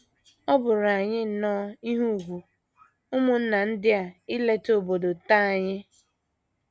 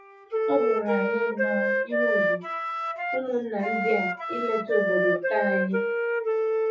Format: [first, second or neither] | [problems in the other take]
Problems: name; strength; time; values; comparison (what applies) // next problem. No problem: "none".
first | noise reduction (classical method WPE with log-MMSE)